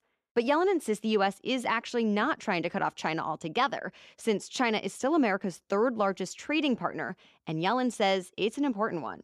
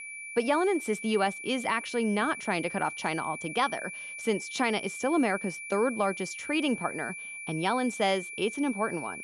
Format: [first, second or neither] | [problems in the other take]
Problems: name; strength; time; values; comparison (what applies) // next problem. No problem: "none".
first | high-pitched whine; loud; throughout; 2.5 kHz, 8 dB below the speech